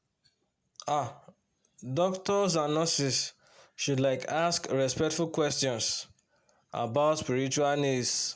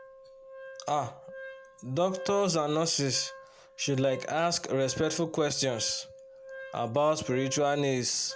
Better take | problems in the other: first | background sound (Wind instrument, woodwind instrument); 16 dB below the speech

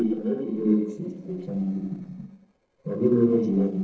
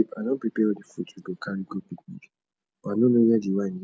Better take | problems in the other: second | noise reduction (neural separator model SepFormer DNS4)

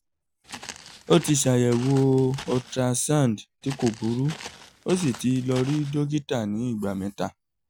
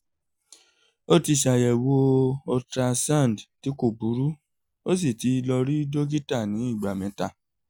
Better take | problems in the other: second | background sound (Walk, footsteps); 17 dB below the speech

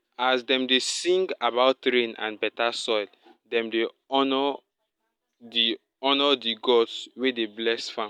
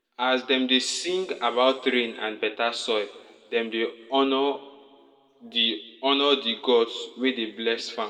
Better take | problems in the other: first | room echo; dies away in 1.4 s

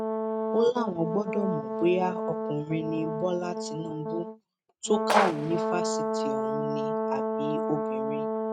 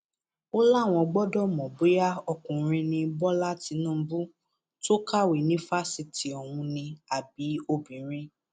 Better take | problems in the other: second | noise reduction (neural mask model RNNoise)

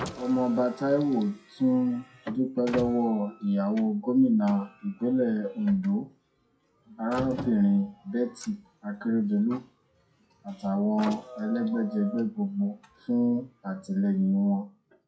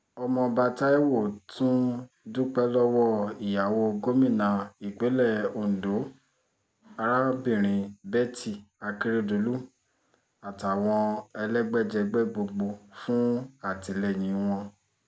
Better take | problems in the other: second | noise reduction (classical method WPE with log-MMSE)

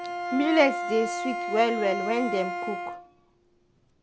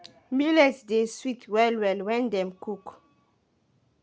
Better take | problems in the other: second | background sound (Bowed string instrument); 5 dB below the speech

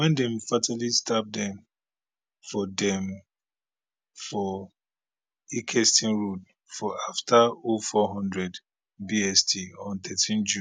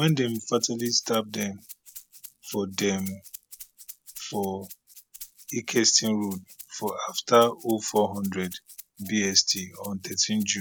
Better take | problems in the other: first | background sound (Rattle (instrument)); 19 dB below the speech

